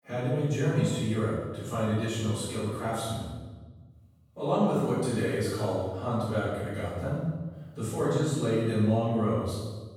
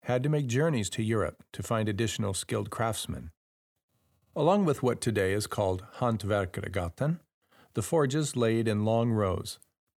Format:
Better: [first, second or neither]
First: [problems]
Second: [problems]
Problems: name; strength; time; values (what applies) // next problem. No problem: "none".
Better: second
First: off-mic speech; far // room echo; strong; dies away in 1.1 s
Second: none